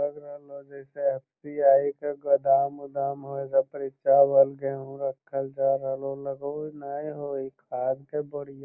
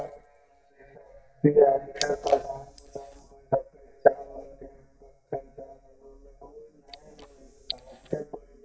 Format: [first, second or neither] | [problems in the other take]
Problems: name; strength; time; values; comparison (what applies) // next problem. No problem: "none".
first | noise reduction (neural mask model DeepFilterNet 3)